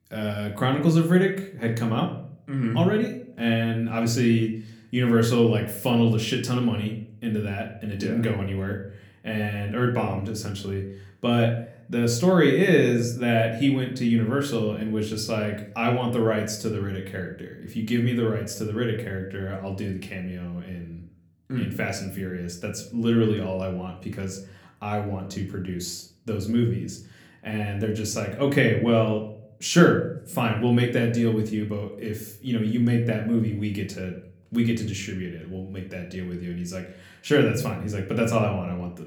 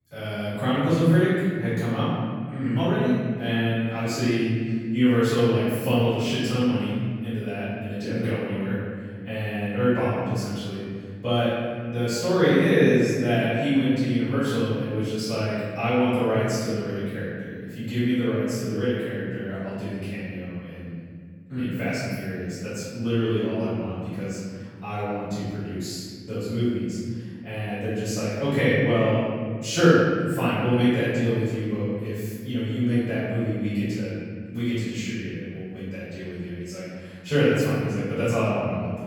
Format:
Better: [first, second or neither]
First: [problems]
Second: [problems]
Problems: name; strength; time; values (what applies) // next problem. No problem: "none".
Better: first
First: room echo; slight; dies away in 0.5 s // off-mic speech; somewhat distant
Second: room echo; strong; dies away in 1.9 s // off-mic speech; far